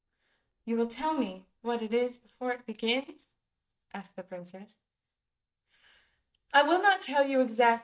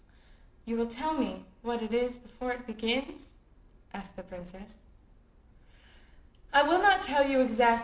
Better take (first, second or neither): second